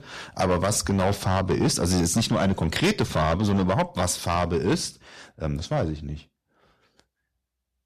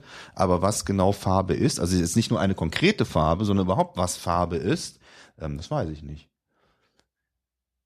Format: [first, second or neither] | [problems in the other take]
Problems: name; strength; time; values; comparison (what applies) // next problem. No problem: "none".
second | distortion; heavy; 7 dB below the speech